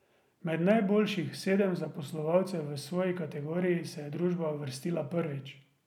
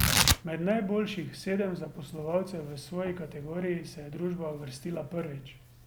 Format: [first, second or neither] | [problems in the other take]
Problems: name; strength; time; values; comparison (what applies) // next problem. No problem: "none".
first | background sound (Tearing); 1 dB below the speech